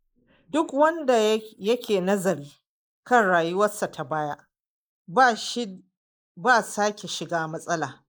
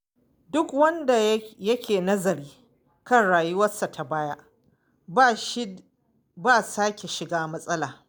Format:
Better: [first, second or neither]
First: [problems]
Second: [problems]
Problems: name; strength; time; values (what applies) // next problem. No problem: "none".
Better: second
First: noise reduction (neural mask model Resemble Enhance denoiser)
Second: none